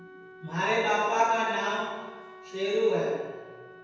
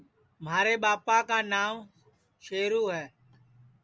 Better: second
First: background sound (Wind instrument, woodwind instrument); 19 dB below the speech // room echo; dies away in 1.2 s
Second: none

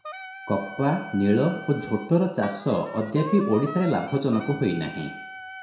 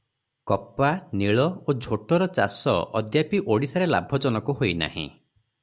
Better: second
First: background sound (Wind instrument, woodwind instrument); 14 dB below the speech // room echo; dies away in 0.6 s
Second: none

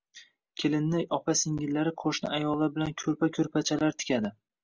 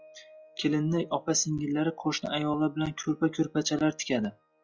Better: first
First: none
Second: noise reduction (classical method log-MMSE)

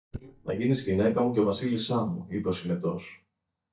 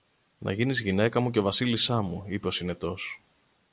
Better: second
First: noise reduction (neural mask model DeepFilterNet 3)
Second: none

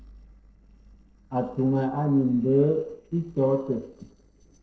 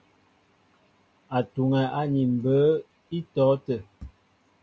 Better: second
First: noise reduction (neural separator model SepFormer DNS4)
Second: none

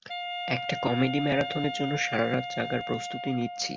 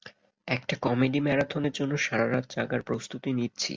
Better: second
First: background sound (Wind instrument, woodwind instrument); 6 dB below the speech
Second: none

